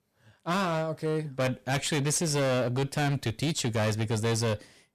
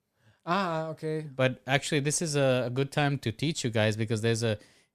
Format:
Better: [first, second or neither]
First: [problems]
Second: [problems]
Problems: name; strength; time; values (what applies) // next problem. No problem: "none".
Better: second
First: distortion; heavy; 19% of the sound clipped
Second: none